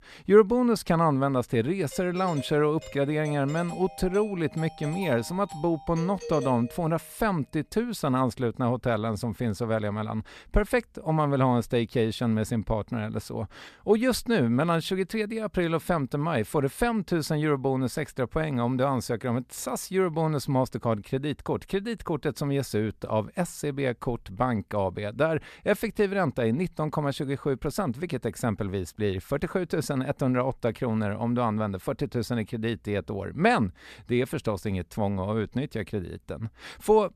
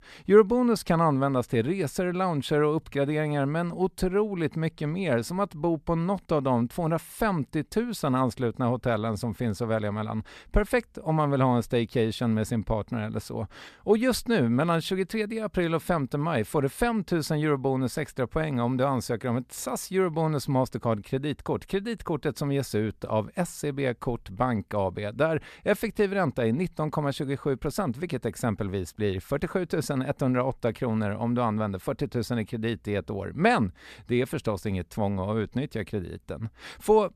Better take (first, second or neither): second